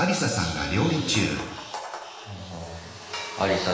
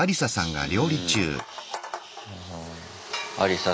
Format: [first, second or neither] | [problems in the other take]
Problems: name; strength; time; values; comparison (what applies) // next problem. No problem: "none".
second | room echo; dies away in 0.9 s